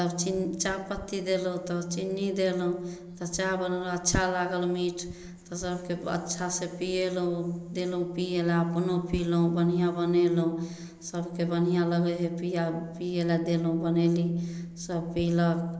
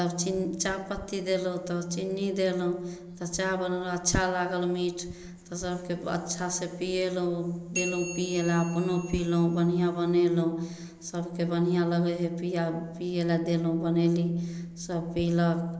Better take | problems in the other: first | background sound (Bell); 13 dB below the speech

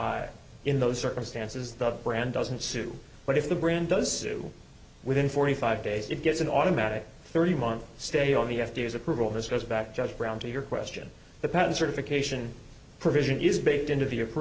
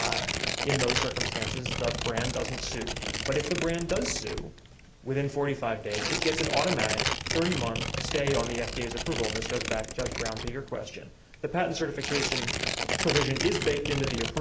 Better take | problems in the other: first | background sound (Tearing); 1 dB below the speech

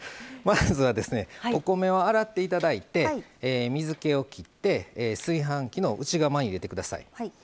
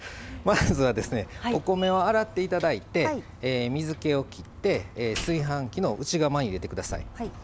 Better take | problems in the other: first | background sound (Slam); 14 dB below the speech

